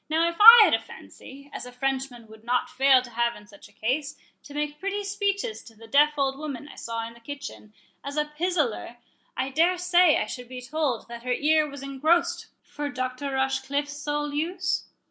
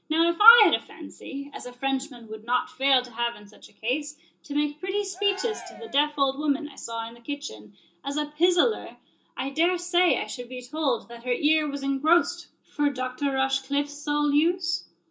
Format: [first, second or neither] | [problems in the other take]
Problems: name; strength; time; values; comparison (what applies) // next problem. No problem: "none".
first | background sound (Cheering); 18 dB below the speech // room echo; dies away in 0.2 s